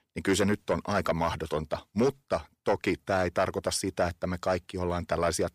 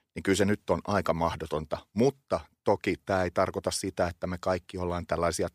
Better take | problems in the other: second | distortion; slight; 10 dB below the speech

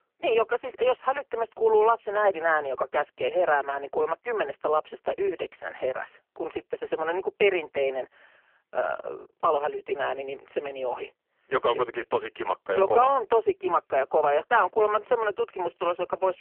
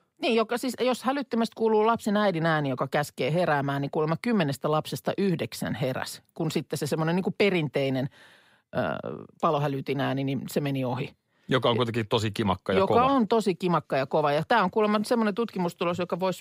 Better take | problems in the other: second | phone-call audio; poor line; nothing above 3 kHz

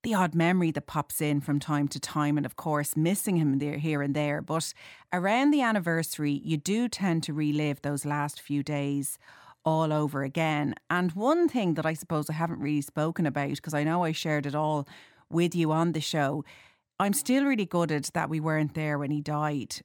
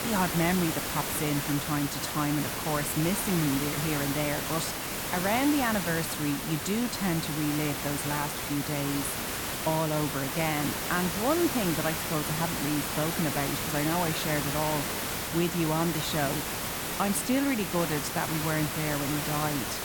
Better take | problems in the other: first | hiss; loud; throughout; 1 dB below the speech

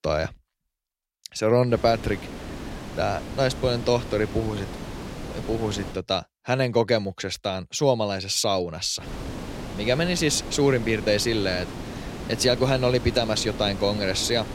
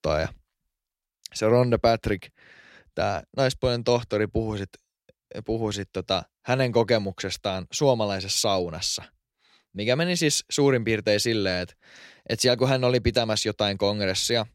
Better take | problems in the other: second | wind noise on the microphone; occasional gusts; from 1.5 to 6 s and from 9 s on; 15 dB below the speech

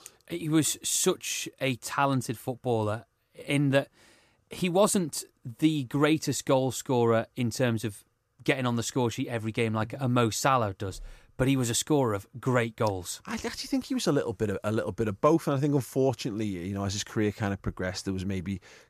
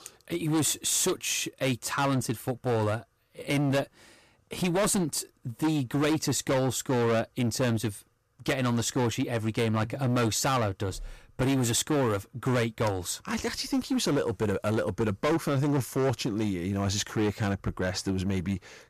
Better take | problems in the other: first | distortion; heavy; 15% of the sound clipped

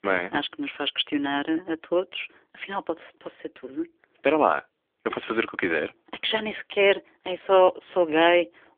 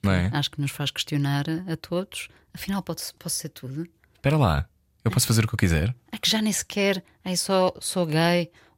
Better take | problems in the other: second | phone-call audio; nothing above 3.5 kHz

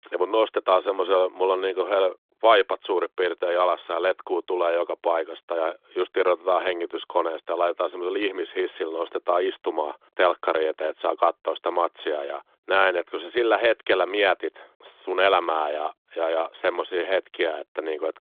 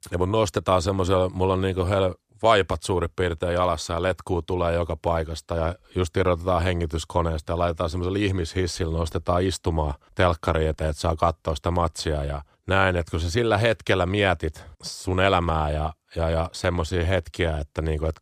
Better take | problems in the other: second | phone-call audio; nothing above 3.5 kHz

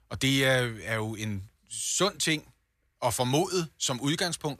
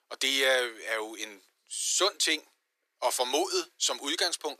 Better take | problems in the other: first | thin; very; fading below 350 Hz

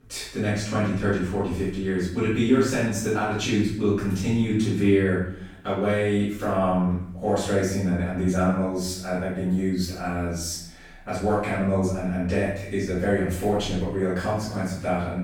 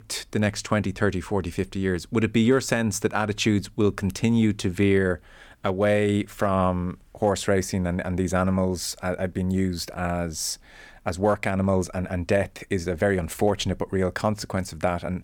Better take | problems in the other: second | off-mic speech; far // room echo; noticeable; dies away in 0.6 s

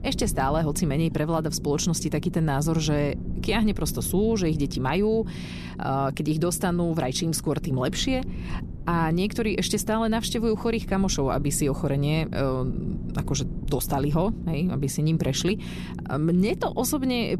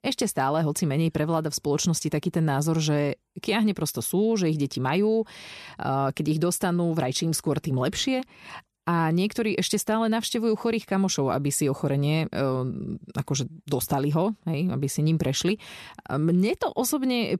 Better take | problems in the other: second | low rumble; noticeable; throughout; 15 dB below the speech

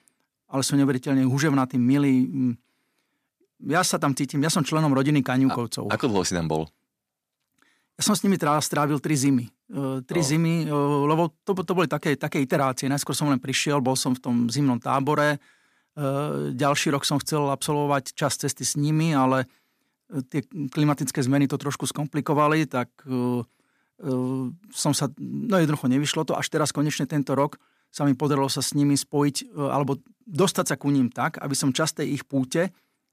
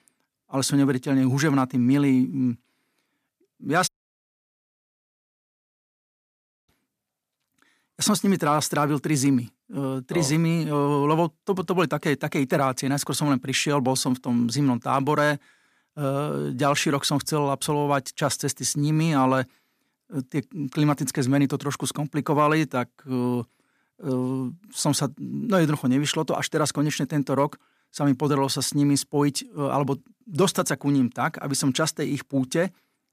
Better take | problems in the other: first | audio cutting out; at 4 s for 3 s

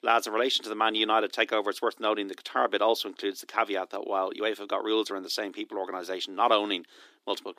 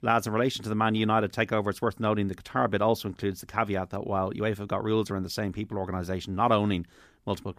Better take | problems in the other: second | thin; somewhat; fading below 300 Hz

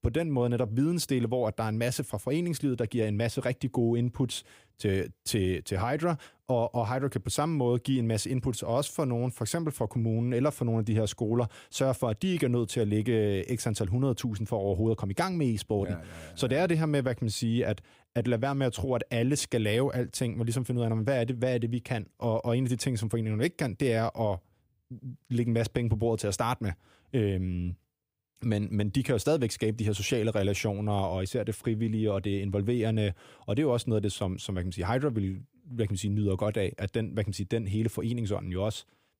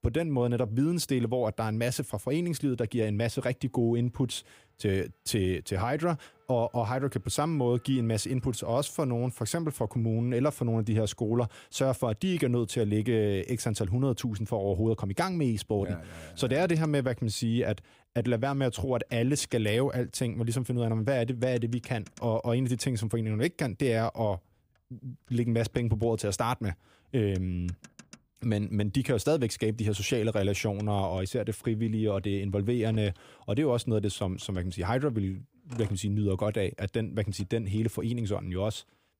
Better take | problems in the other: first | traffic noise; faint; throughout; 30 dB below the speech

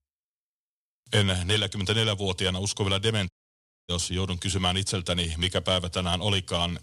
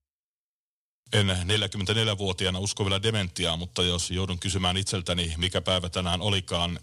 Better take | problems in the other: second | audio cutting out; at 3.5 s for 0.5 s

